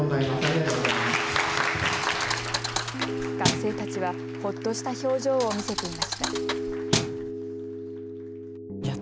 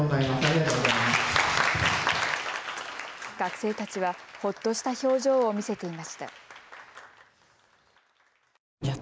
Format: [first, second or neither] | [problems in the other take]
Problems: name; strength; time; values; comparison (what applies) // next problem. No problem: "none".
second | background sound (Piano + Thump, thud); 2 dB below the speech